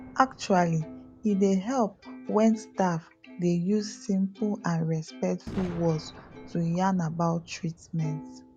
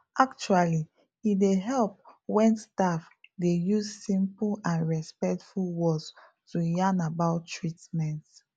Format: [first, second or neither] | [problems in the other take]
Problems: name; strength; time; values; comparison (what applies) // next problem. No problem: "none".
second | background sound (Plucked string instrument + Boom); 18 dB below the speech